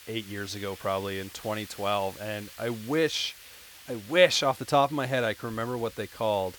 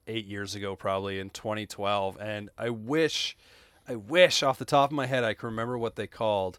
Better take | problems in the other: second | hiss; noticeable; throughout; 20 dB below the speech

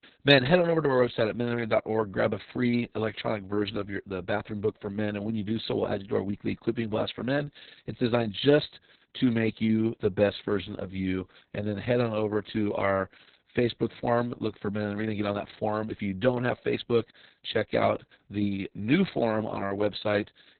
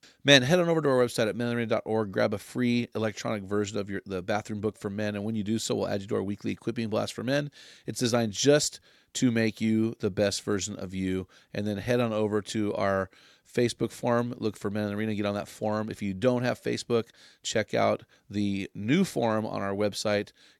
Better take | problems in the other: second | garbled, watery; badly; nothing above 4 kHz

